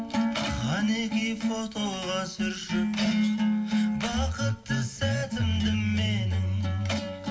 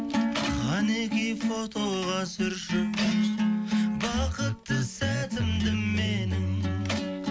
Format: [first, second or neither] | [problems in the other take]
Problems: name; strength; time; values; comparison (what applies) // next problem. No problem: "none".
second | room echo; dies away in 3 s